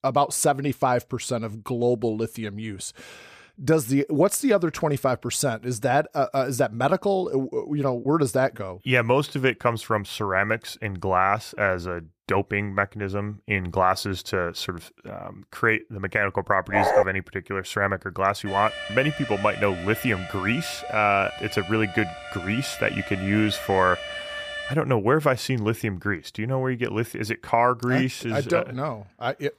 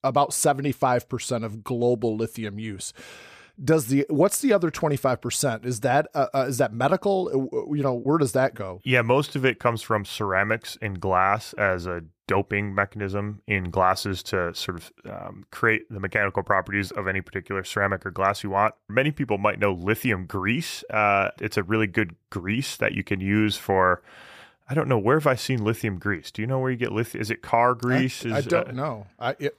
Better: second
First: dog barking; loud; at 17 s; peak 4 dB above the speech // alarm; noticeable; from 18 to 25 s; peak 7 dB below the speech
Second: none

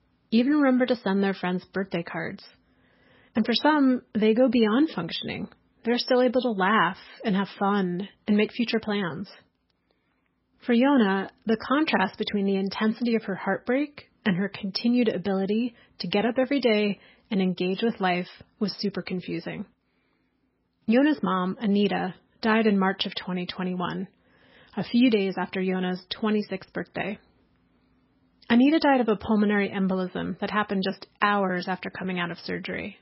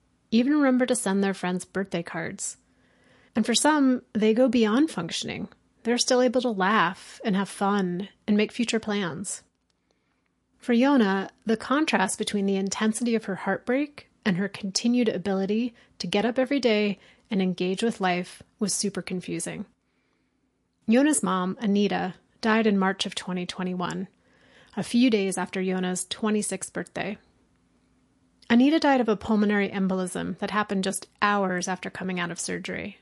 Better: second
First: garbled, watery; badly; nothing above 5.5 kHz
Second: garbled, watery; slightly; nothing above 11.5 kHz

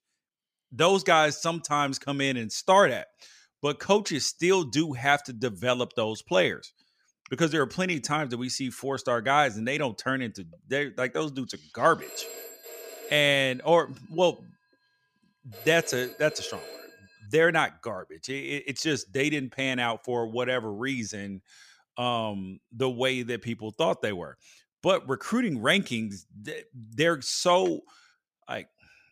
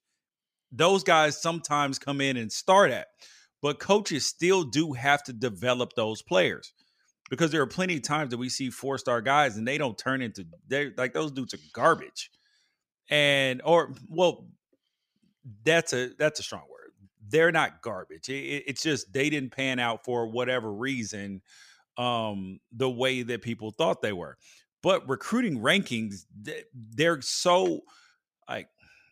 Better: second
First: phone ringing; faint; from 12 to 17 s; peak 15 dB below the speech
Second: none

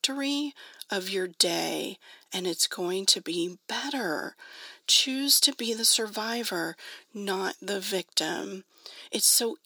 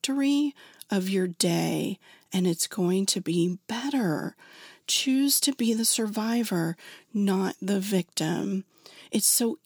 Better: second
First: thin; somewhat; fading below 450 Hz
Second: none

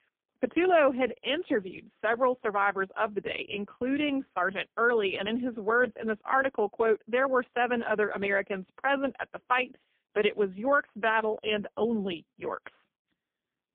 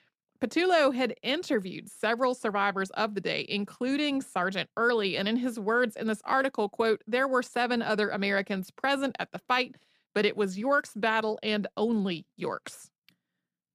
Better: second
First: phone-call audio; poor line; nothing above 3 kHz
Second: none

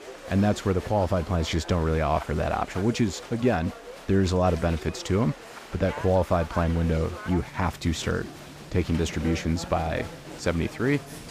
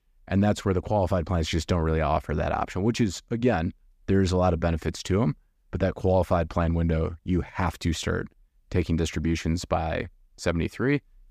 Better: second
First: crowd noise; noticeable; throughout; 15 dB below the speech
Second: none

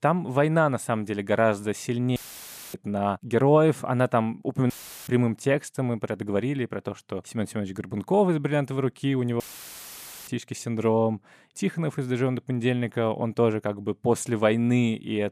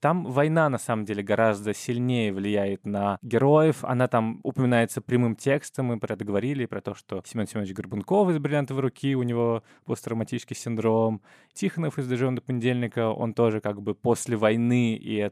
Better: second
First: audio cutting out; filled with static; at 2 s for 0.5 s, at 4.5 s and at 9.5 s for 1 s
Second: none

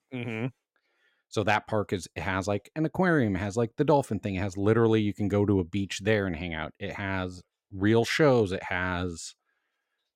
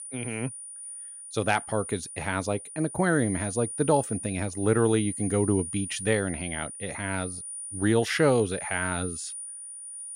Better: first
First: none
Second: high-pitched whine; loud; throughout; 9.5 kHz, 8 dB below the speech

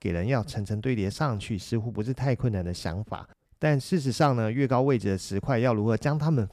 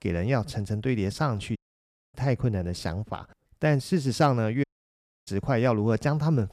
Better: first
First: none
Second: audio cutting out; at 1.5 s for 0.5 s and at 4.5 s for 0.5 s

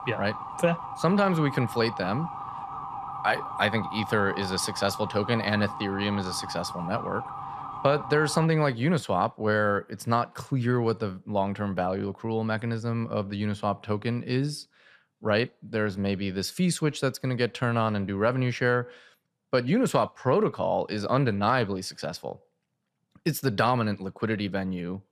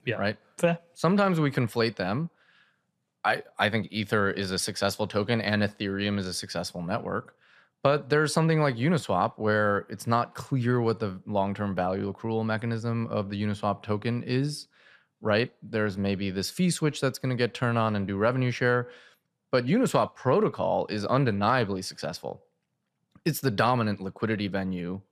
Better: second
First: siren; noticeable; until 8.5 s; peak 8 dB below the speech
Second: none

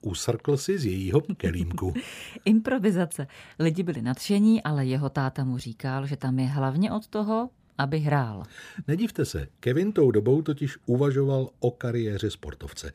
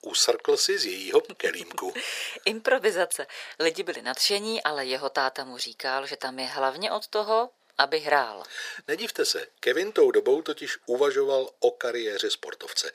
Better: first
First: none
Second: thin; very; fading below 450 Hz

